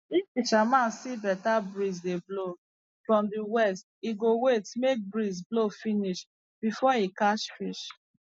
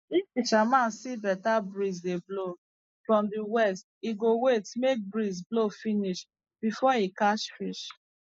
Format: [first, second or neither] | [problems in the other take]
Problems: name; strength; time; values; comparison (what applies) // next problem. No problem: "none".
first | noise reduction (neural mask model Resemble Enhance denoiser)